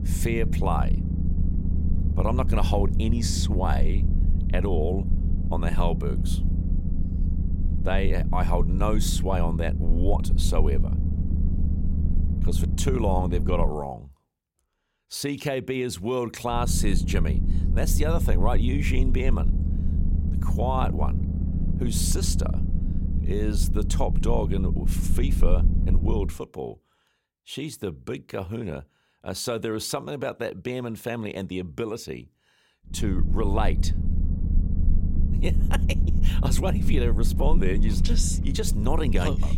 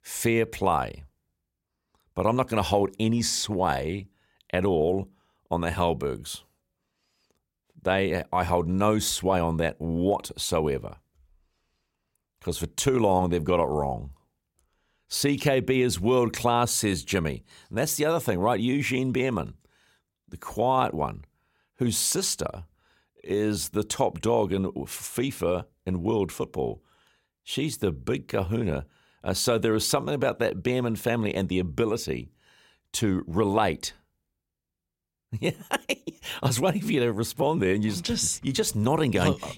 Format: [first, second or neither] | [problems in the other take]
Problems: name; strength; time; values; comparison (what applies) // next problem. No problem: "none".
second | low rumble; loud; until 14 s, from 17 to 26 s and from 33 s on; 8 dB below the speech